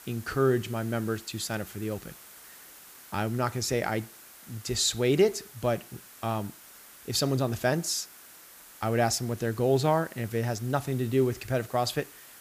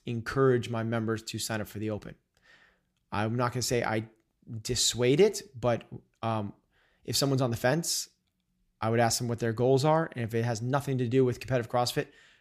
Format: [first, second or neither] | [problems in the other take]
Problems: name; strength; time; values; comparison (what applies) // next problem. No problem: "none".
second | hiss; noticeable; throughout; 20 dB below the speech